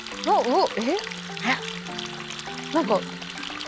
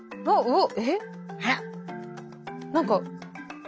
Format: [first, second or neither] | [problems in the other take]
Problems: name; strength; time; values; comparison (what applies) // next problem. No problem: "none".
second | background sound (Water tap, faucet); 9 dB below the speech